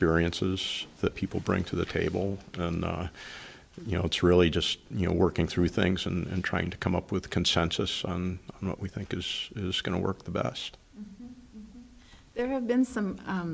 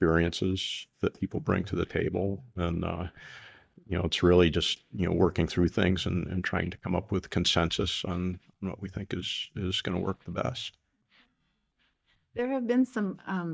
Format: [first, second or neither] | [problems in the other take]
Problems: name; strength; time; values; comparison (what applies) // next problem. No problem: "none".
first | noise reduction (neural mask model DeepFilterNet 3)